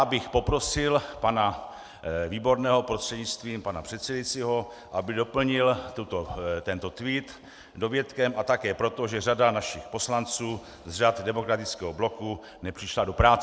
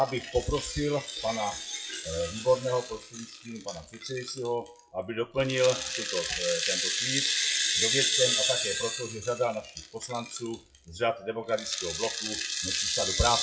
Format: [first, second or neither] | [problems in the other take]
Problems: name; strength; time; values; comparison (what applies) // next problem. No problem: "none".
first | noise reduction (classical method WPE with log-MMSE)